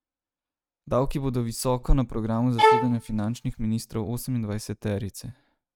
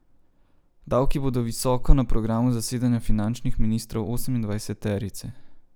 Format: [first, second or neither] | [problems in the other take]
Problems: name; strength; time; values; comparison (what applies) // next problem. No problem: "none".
second | noise reduction (neural mask model RNNoise)